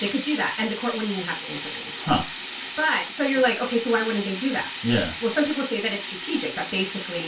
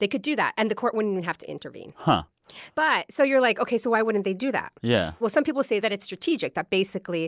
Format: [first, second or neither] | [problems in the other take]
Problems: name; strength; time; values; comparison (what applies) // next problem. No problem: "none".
second | background sound (Sink (filling or washing)); 9 dB below the speech // room echo; dies away in 0.2 s